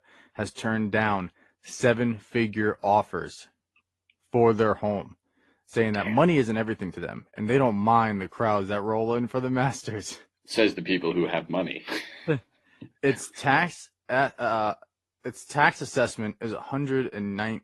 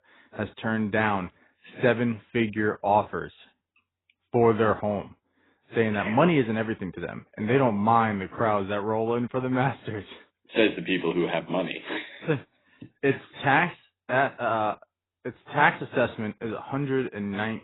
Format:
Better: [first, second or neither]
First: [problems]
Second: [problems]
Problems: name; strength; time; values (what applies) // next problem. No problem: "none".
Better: first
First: garbled, watery; slightly; nothing above 11 kHz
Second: garbled, watery; badly; nothing above 4 kHz